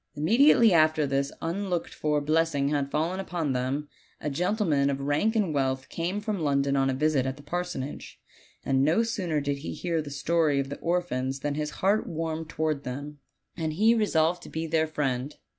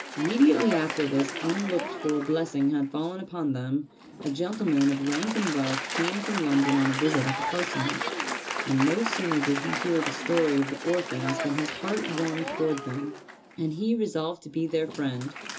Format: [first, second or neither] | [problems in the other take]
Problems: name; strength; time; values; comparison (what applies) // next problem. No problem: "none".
first | background sound (Applause); 7 dB below the speech // room echo; dies away in 0.2 s